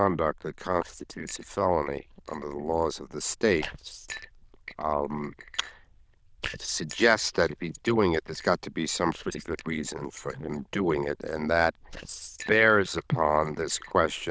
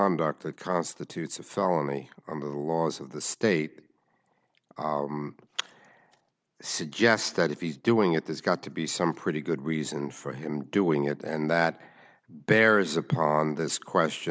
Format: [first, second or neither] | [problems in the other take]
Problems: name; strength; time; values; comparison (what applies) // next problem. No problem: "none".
second | noise reduction (neural diffusion model UNIVERSE++)